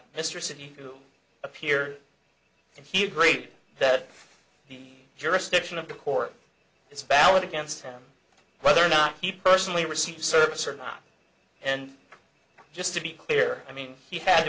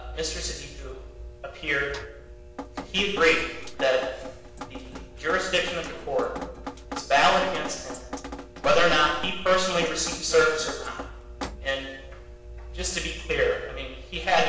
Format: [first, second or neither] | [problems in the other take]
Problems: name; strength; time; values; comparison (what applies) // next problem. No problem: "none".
first | background sound (Drip); 12 dB below the speech // room echo; dies away in 0.9 s